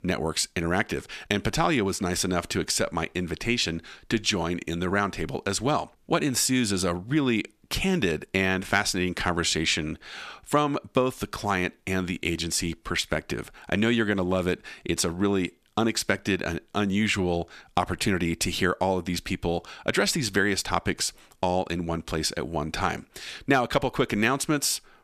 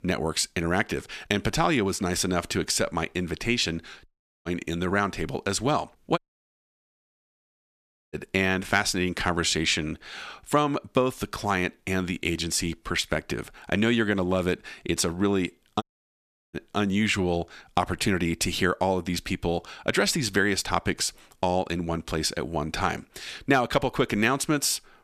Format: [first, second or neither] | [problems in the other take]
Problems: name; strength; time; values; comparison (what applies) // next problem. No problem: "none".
first | audio cutting out; at 4 s, at 6 s for 2 s and at 16 s for 0.5 s